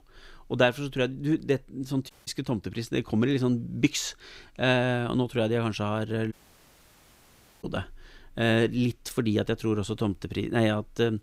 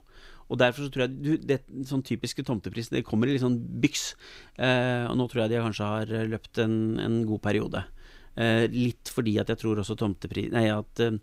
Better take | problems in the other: second | audio cutting out; at 2 s and at 6.5 s for 1.5 s

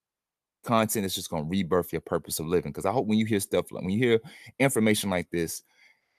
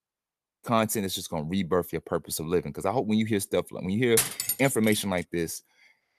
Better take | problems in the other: first | clattering dishes; loud; at 4 s; peak 2 dB above the speech

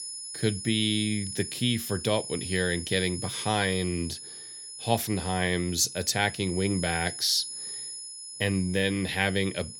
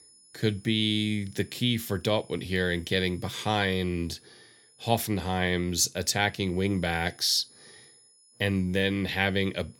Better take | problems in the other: second | high-pitched whine; loud; throughout; 10.5 kHz, 9 dB below the speech; faint in the second

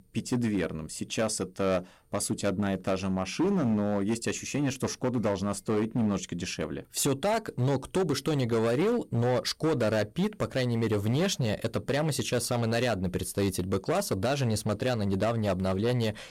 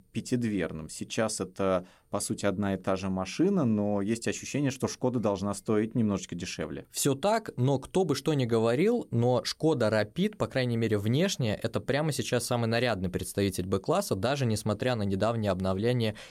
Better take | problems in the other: second | distortion; slight; 11% of the sound clipped

